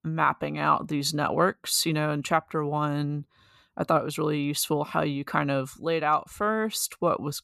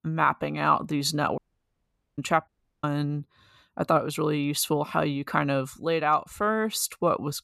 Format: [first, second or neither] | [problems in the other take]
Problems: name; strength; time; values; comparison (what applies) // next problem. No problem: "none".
first | audio cutting out; at 1.5 s for 1 s and at 2.5 s